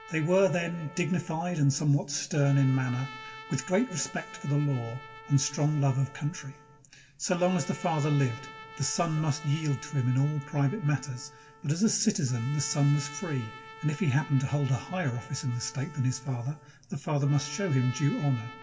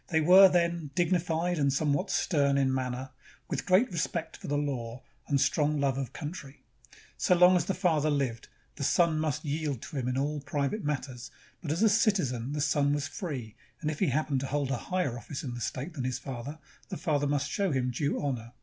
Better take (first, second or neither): second